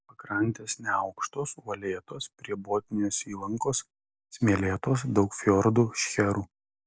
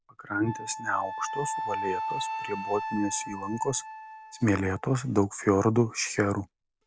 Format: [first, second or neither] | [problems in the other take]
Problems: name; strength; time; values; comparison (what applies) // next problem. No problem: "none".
first | background sound (Wind instrument, woodwind instrument); 8 dB below the speech